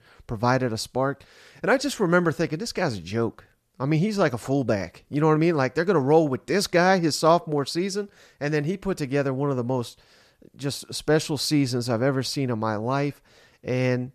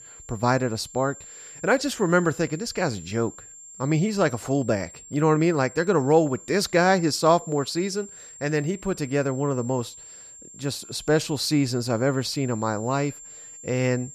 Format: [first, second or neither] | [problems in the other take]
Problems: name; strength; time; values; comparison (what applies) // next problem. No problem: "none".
first | high-pitched whine; noticeable; throughout; 7.5 kHz, 15 dB below the speech